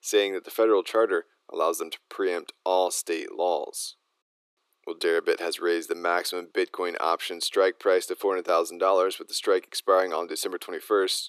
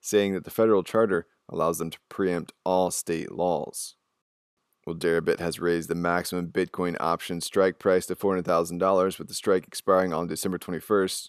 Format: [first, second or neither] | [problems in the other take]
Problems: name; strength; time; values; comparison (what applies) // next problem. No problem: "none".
second | thin; somewhat; fading below 350 Hz